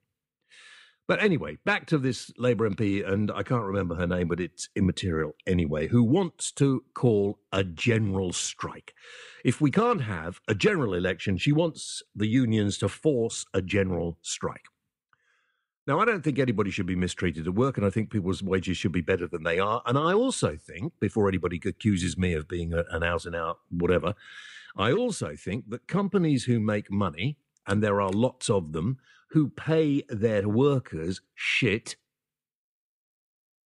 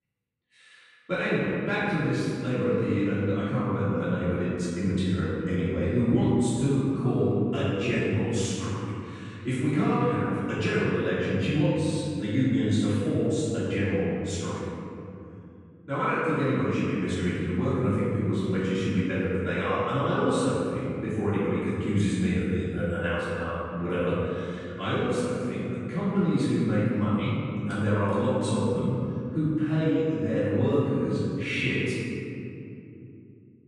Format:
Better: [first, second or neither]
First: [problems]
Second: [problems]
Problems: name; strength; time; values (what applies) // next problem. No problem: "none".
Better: first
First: none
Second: off-mic speech; far // room echo; strong; dies away in 2.9 s